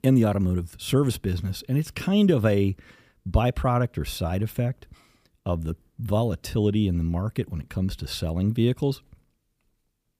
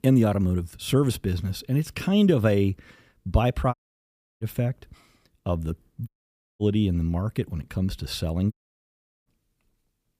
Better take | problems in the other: first | audio cutting out; at 3.5 s for 0.5 s, at 6 s for 0.5 s and at 8.5 s for 0.5 s

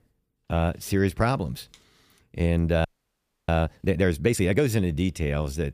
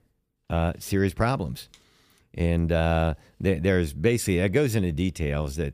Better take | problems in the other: second | audio freezing; at 3 s for 0.5 s

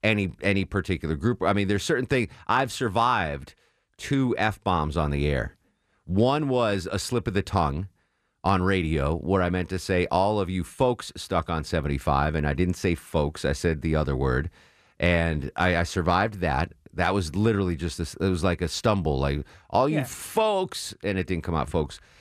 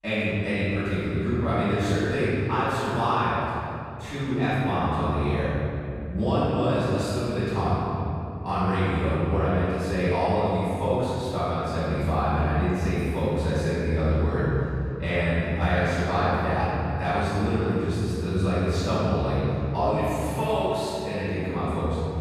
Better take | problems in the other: first | off-mic speech; far // room echo; strong; dies away in 2.9 s

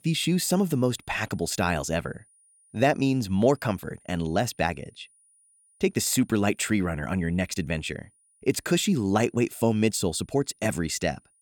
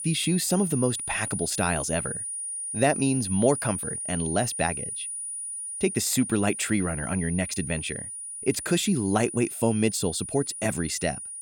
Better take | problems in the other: first | high-pitched whine; loud; throughout; 9.5 kHz, 5 dB below the speech; faint in the first

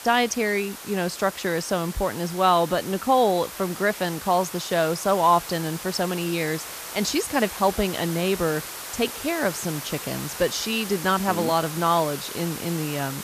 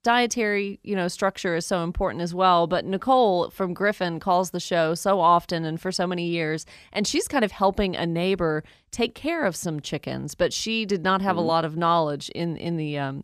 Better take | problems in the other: second | hiss; loud; throughout; 10 dB below the speech

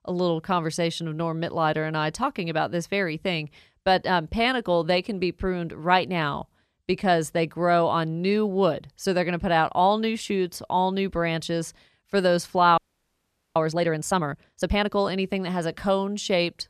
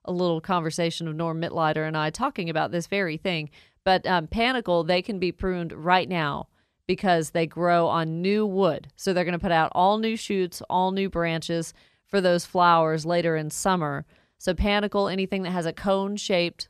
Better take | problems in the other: second | audio freezing; at 13 s for 1 s

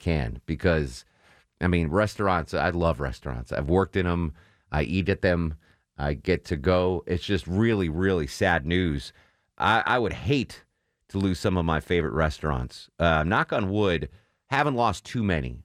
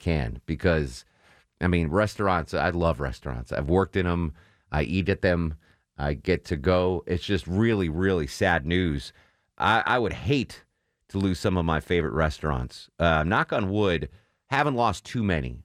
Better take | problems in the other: neither | none

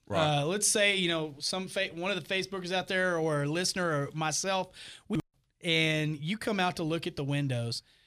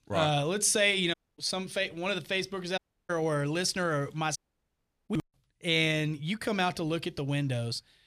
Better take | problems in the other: first | audio cutting out; at 1 s, at 3 s and at 4.5 s for 0.5 s

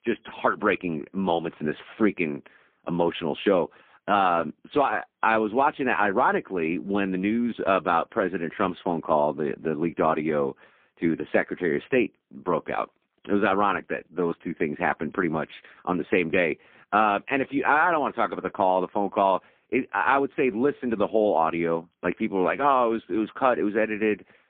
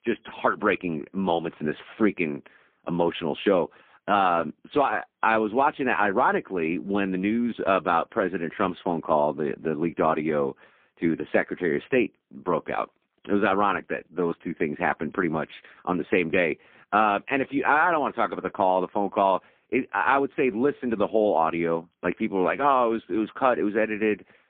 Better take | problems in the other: neither | phone-call audio; poor line; the same in both

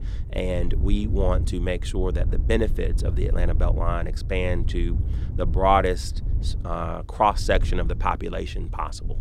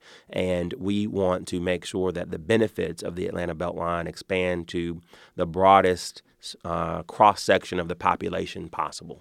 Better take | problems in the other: second | wind noise on the microphone; occasional gusts; 20 dB below the speech

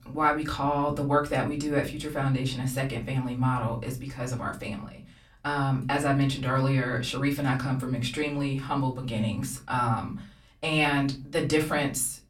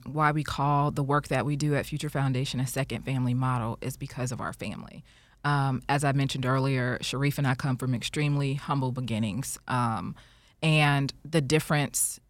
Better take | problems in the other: second | off-mic speech; far // room echo; very slight; dies away in 0.3 s

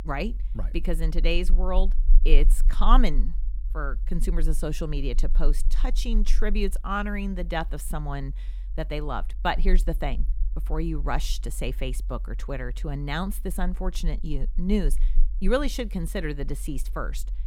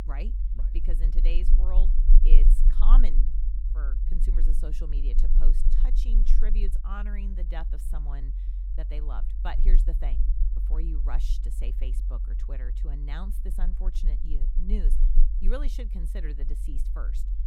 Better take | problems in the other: first | low rumble; loud; throughout; 8 dB below the speech; faint in the first

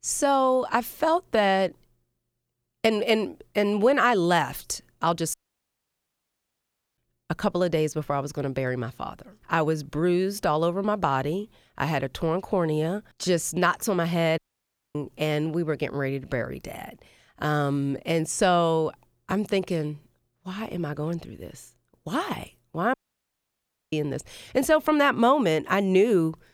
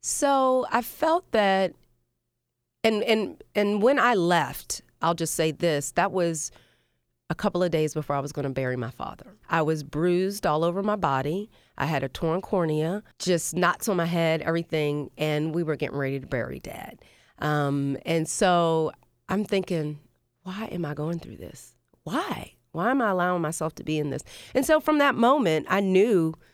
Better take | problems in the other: second | audio cutting out; at 5.5 s for 1.5 s, at 14 s for 0.5 s and at 23 s for 1 s

